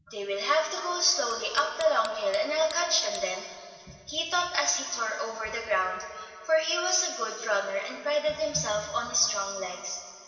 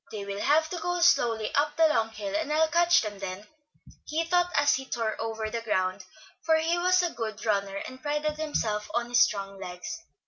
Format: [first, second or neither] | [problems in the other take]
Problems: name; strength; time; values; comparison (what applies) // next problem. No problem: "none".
second | background sound (Tick); 19 dB below the speech // room echo; dies away in 2.6 s